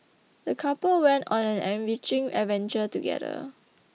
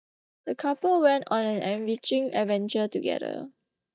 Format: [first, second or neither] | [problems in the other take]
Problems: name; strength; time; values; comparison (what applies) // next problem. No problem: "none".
first | noise reduction (neural mask model DeepFilterNet 3)